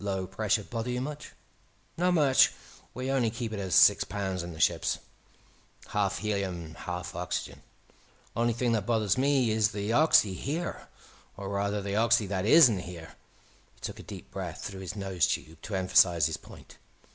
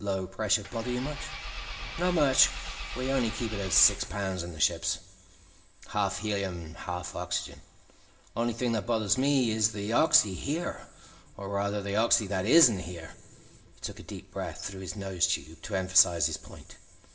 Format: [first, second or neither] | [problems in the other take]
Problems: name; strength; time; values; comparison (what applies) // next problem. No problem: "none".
first | background sound (Engine / Car); 8 dB below the speech // room echo; dies away in 1.5 s